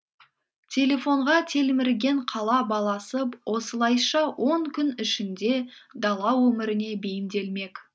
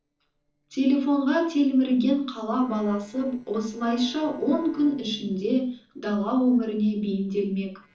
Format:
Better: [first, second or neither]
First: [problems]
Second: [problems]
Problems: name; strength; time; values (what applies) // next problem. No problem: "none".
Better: first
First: none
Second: noise reduction (neural separator model SepFormer DNS4)